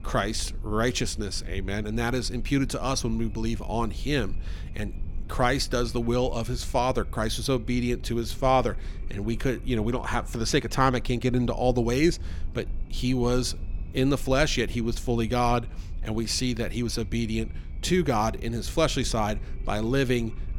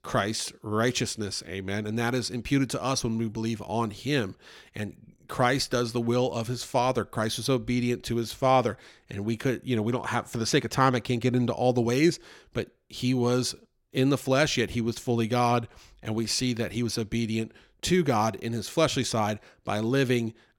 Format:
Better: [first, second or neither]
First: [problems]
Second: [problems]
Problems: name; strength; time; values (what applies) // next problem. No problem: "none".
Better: second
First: low rumble; faint; throughout; 25 dB below the speech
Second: none